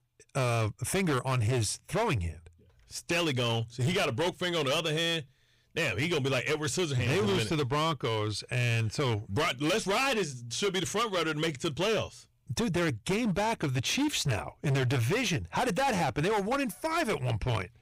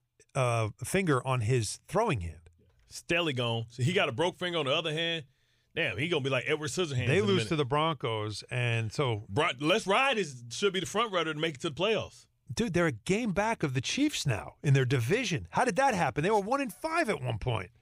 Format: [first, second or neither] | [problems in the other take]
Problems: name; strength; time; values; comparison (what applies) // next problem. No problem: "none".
second | distortion; heavy; 19% of the sound clipped